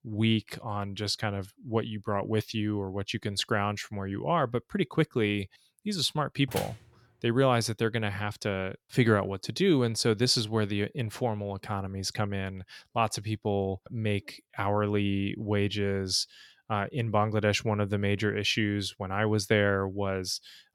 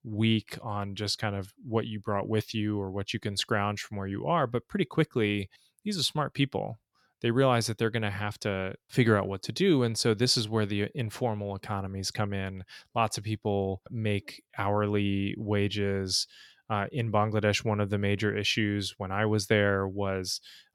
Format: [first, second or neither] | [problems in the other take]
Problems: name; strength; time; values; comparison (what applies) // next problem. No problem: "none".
second | door banging; noticeable; at 6.5 s; peak 9 dB below the speech